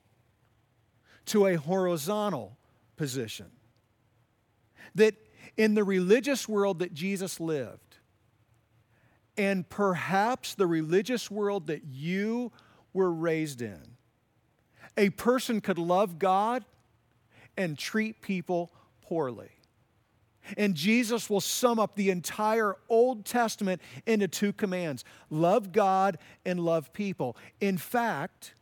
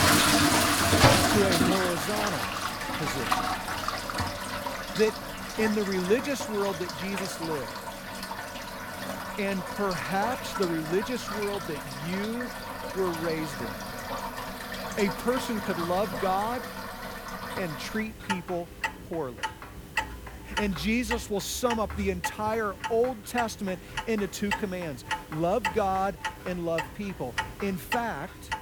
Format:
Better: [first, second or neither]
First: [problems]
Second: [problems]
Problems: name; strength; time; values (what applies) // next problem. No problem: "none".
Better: first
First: none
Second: household noises; very loud; throughout; as loud as the speech